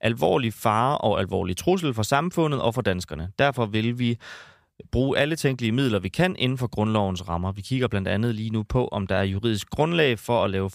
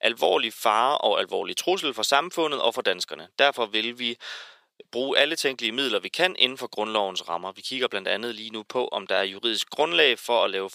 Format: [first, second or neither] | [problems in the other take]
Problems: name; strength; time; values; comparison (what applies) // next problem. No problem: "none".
first | thin; very; fading below 400 Hz